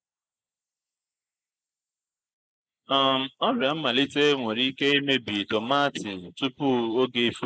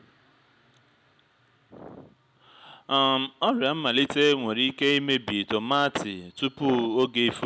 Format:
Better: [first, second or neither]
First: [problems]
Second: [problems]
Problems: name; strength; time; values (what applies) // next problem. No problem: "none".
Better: second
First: noise reduction (neural mask model Resemble Enhance denoiser)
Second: none